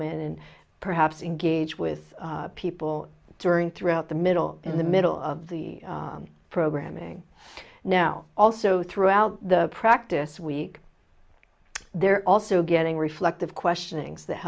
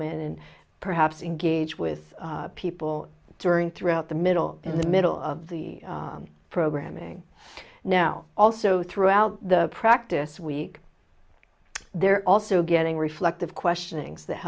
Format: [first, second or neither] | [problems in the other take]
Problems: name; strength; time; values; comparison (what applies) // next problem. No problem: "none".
first | background sound (Scissors); 20 dB below the speech